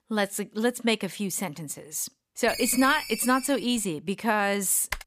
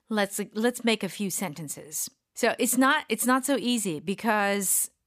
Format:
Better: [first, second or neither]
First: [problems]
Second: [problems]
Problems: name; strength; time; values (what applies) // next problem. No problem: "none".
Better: second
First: phone ringing; noticeable; from 2.5 to 4 s; peak 6 dB below the speech // keyboard typing; noticeable; at 5 s; peak 10 dB below the speech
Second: none